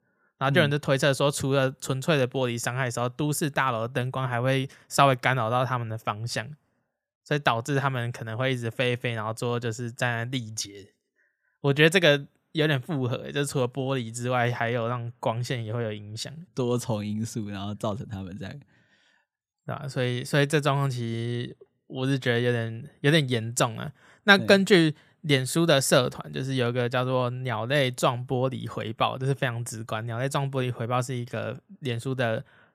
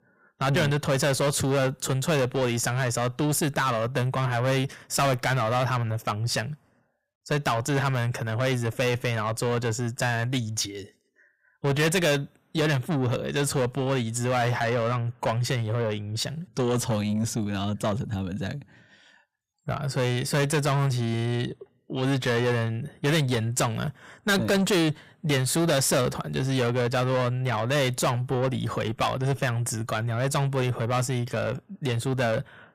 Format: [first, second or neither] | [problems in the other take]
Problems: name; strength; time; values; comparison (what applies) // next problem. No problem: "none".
first | distortion; heavy; 5 dB below the speech